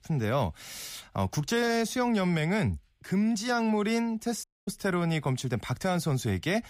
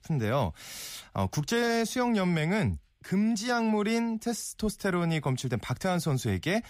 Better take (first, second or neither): second